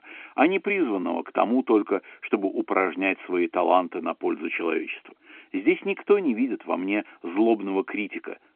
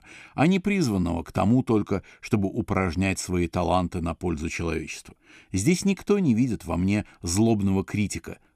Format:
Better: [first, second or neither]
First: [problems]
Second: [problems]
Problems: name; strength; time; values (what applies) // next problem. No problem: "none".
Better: second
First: phone-call audio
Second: none